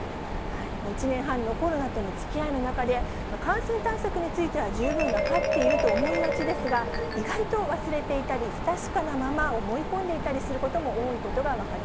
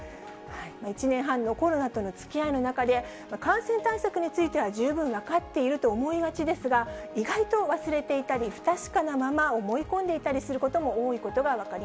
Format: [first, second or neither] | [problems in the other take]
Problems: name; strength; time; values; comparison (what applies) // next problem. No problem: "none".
second | background sound (Marimba, xylophone + Mechanisms); 1 dB below the speech